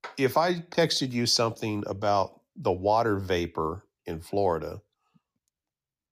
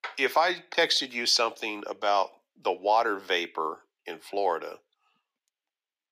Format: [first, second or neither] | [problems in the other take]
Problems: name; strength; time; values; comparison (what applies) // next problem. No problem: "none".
first | thin; somewhat; fading below 350 Hz